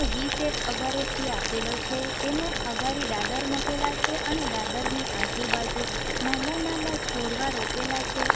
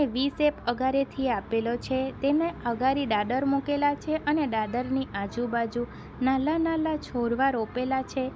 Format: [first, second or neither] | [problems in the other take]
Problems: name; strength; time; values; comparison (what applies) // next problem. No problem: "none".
second | background sound (Boiling); 3 dB above the speech